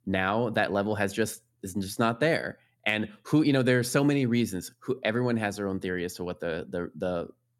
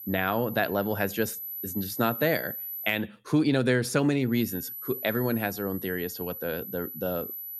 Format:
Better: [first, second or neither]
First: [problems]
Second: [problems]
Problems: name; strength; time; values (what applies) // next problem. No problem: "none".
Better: first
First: none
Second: high-pitched whine; loud; until 3 s and from 4.5 s on; 12 kHz, 8 dB below the speech